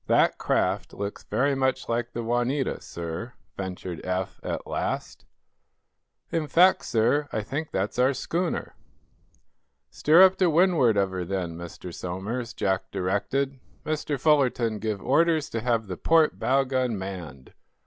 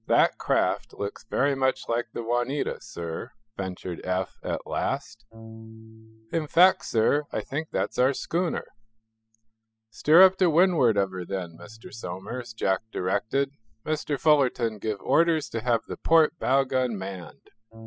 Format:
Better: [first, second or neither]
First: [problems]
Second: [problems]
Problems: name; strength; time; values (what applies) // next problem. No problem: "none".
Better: first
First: none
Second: noise reduction (classical method spectral subtraction)